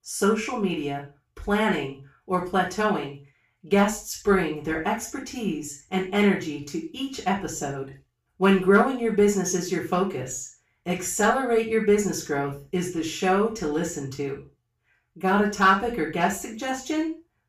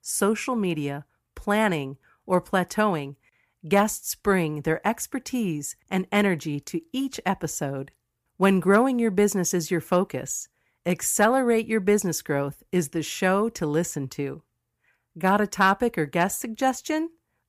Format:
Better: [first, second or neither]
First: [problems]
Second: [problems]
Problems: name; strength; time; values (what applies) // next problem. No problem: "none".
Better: second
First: room echo; noticeable; dies away in 0.3 s // off-mic speech; far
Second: none